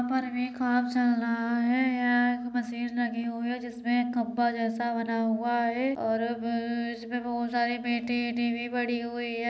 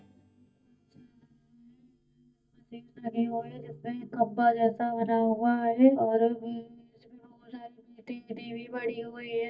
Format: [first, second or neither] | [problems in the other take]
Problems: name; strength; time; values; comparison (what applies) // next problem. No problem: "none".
first | noise reduction (neural mask model DeepFilterNet 3)